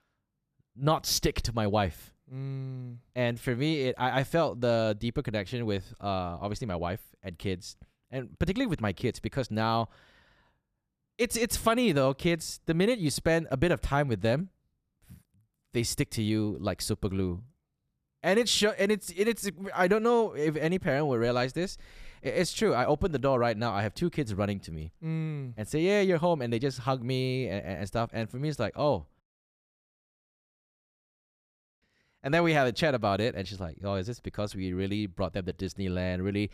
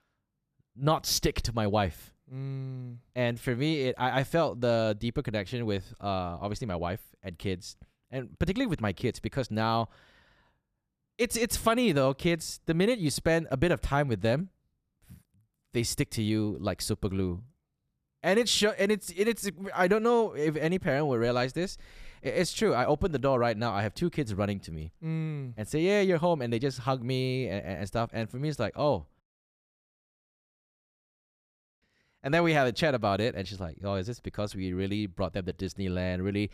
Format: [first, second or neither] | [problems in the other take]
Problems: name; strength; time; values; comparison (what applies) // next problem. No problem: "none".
neither | audio cutting out; at 29 s for 2.5 s; the same in both